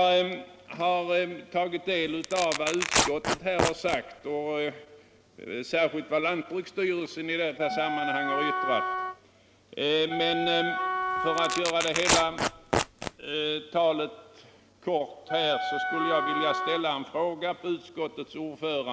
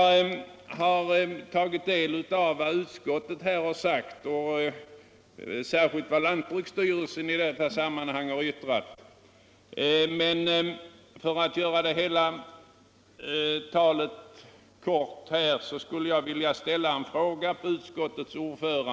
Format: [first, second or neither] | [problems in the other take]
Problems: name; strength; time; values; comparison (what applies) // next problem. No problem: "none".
second | background sound (Wind instrument, woodwind instrument + Tearing); 1 dB below the speech